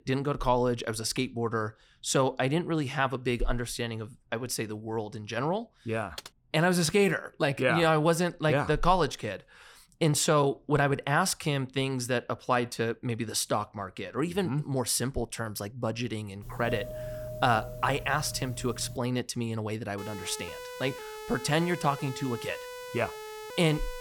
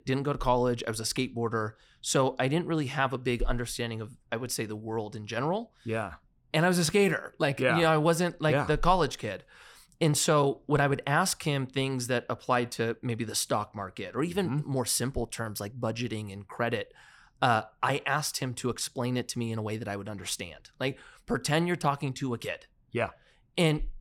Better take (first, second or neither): second